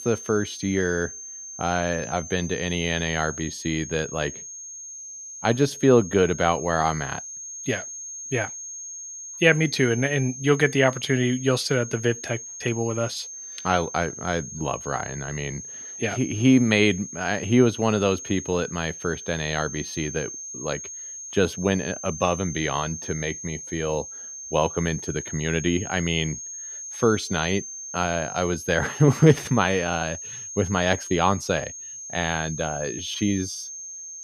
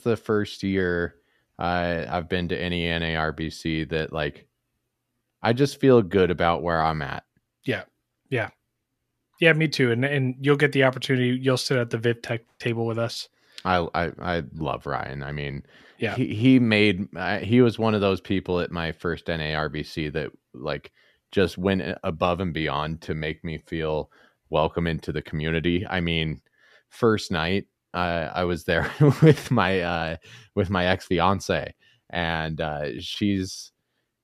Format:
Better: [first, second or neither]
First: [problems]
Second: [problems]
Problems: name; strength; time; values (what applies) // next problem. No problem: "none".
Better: second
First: high-pitched whine; loud; throughout; 6.5 kHz, 10 dB below the speech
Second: none